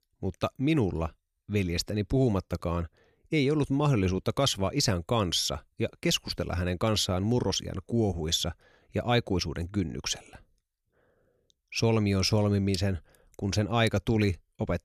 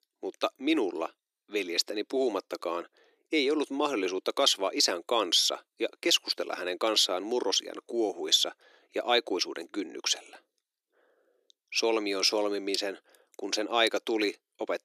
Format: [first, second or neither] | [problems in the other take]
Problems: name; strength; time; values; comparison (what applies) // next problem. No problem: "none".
first | thin; very; fading below 300 Hz